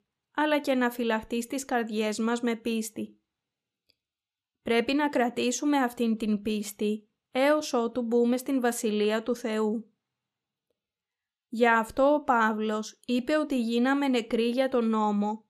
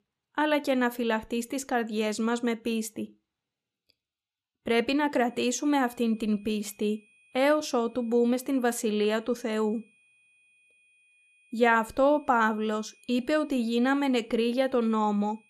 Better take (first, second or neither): first